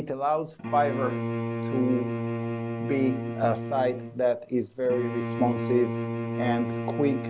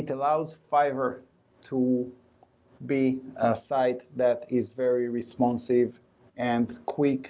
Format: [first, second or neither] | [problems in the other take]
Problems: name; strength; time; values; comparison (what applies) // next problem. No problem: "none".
second | background sound (Bowed string instrument); 4 dB below the speech